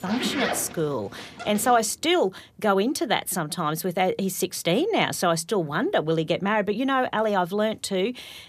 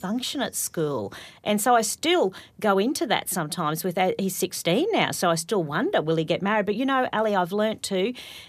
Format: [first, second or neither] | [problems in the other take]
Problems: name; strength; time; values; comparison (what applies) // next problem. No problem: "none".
second | household noises; loud; until 2 s; 8 dB below the speech